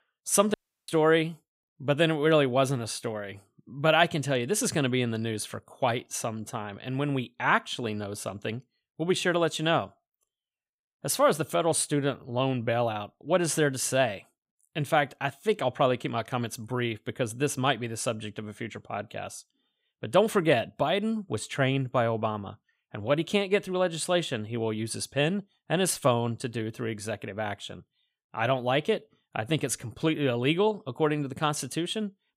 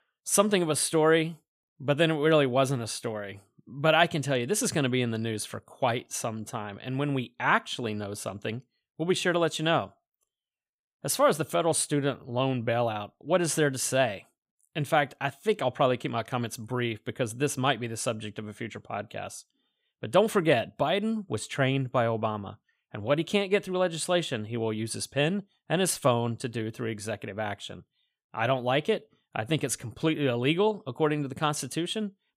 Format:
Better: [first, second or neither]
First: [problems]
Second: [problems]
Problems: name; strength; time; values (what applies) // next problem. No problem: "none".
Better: second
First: audio cutting out; at 0.5 s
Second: none